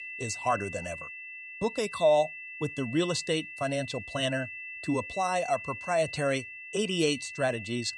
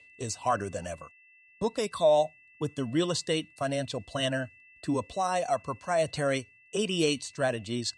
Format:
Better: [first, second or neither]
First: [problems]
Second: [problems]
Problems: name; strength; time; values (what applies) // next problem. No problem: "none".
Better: second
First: high-pitched whine; loud; throughout; 2.5 kHz, 9 dB below the speech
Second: high-pitched whine; faint; throughout; 2.5 kHz, 25 dB below the speech